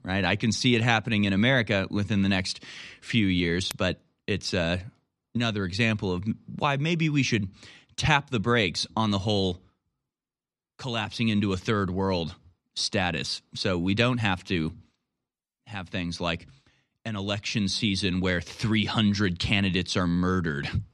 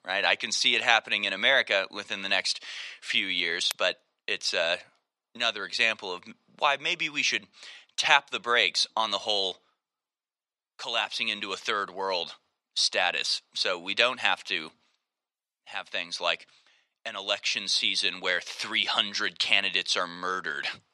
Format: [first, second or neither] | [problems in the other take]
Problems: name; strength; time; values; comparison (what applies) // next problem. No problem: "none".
first | thin; very; fading below 750 Hz